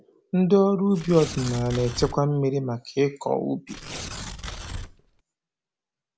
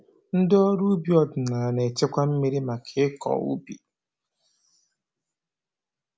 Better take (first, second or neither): second